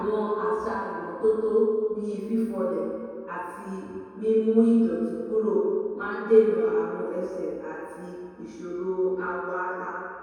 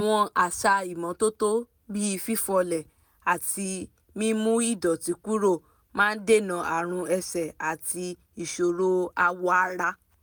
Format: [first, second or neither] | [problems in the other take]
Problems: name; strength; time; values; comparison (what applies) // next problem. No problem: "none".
second | room echo; dies away in 2.2 s